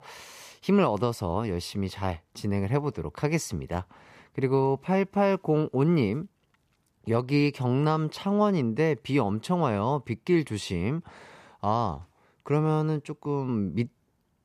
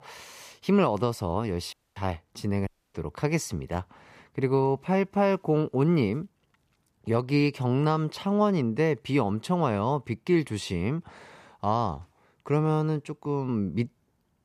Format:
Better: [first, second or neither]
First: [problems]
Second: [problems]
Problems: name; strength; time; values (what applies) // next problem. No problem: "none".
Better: first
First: none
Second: audio cutting out; at 1.5 s and at 2.5 s